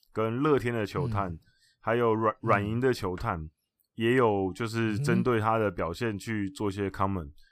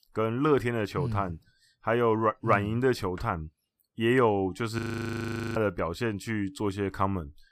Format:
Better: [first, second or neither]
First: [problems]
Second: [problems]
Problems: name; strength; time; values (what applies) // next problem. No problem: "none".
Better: first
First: none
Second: audio freezing; at 5 s for 1 s